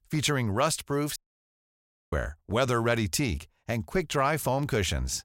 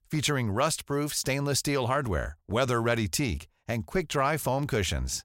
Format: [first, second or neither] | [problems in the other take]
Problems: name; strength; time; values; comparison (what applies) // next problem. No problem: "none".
second | audio cutting out; at 1 s for 1 s